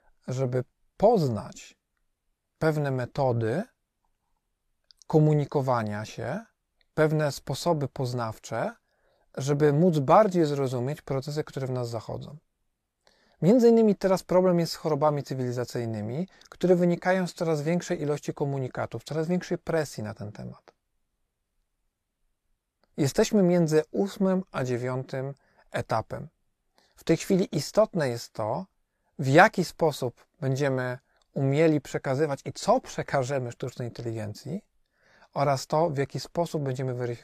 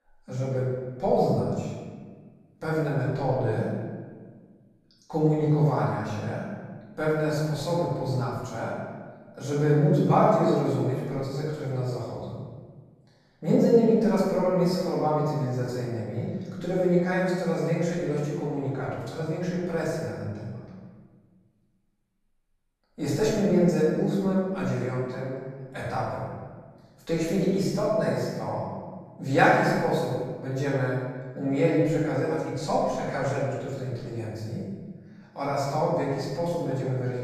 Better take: first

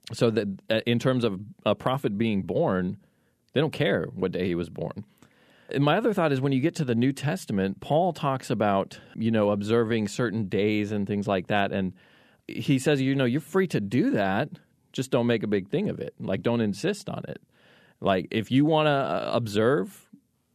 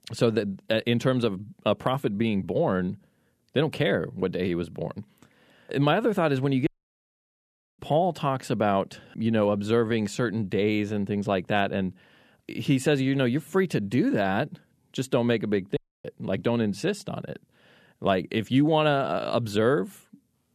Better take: first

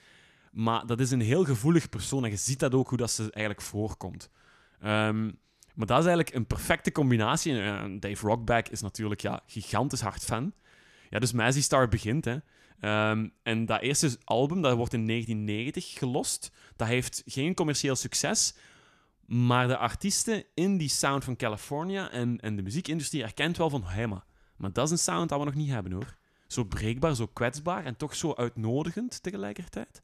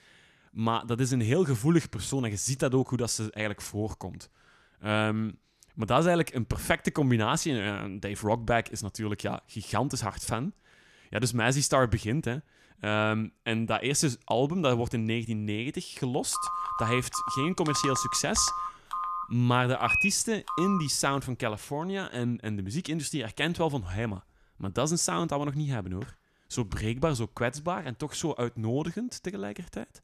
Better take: first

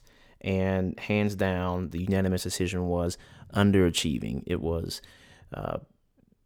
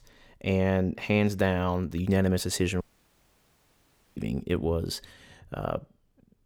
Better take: first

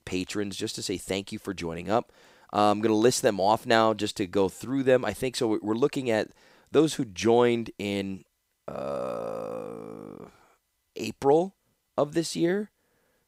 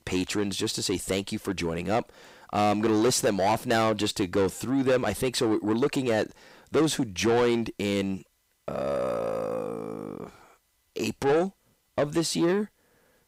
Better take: first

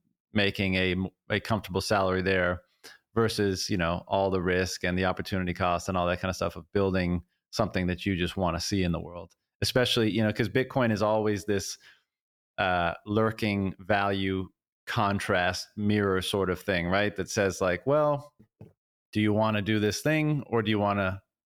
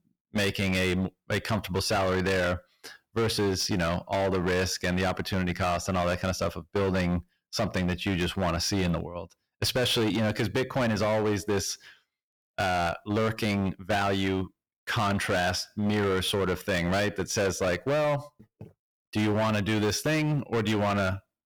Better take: first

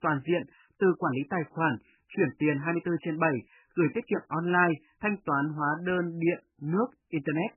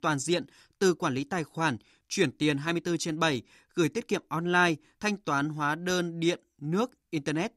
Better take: second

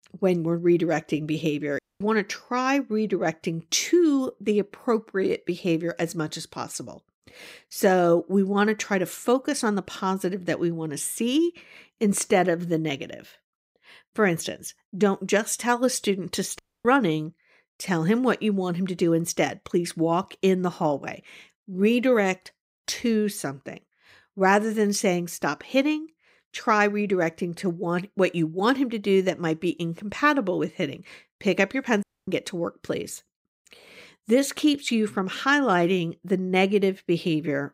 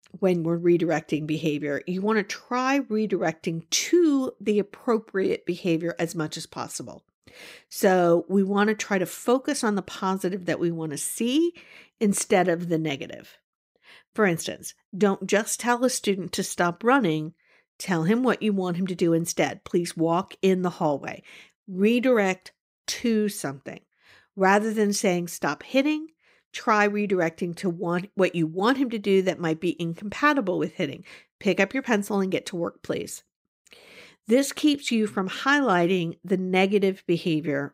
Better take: second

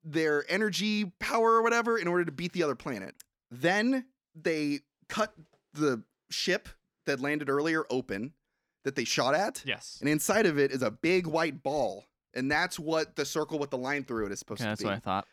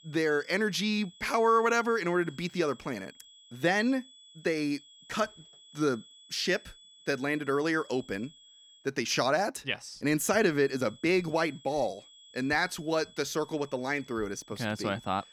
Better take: first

